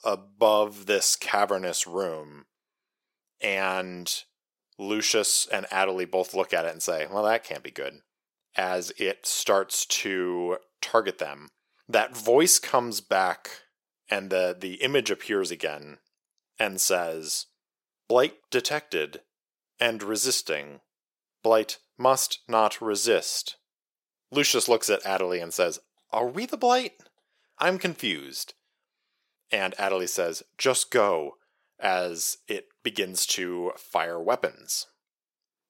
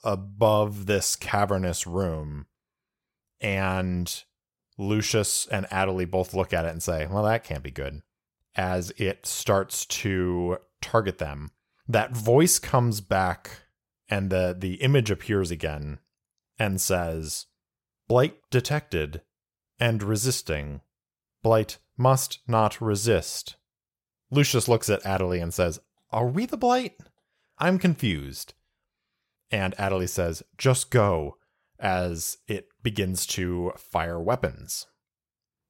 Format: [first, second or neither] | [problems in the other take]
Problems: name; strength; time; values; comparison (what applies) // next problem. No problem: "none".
second | thin; somewhat; fading below 300 Hz